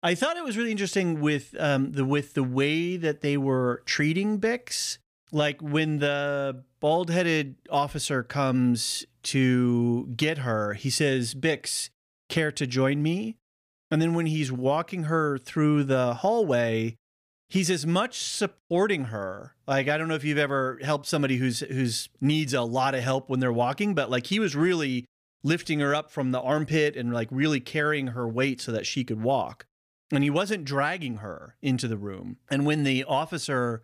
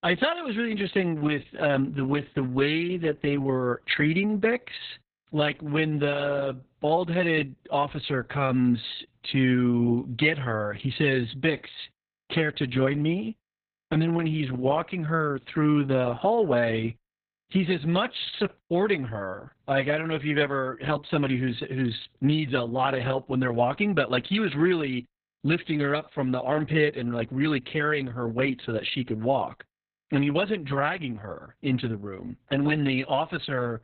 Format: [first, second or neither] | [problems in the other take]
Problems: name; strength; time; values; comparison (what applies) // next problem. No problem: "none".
first | garbled, watery; badly; nothing above 4 kHz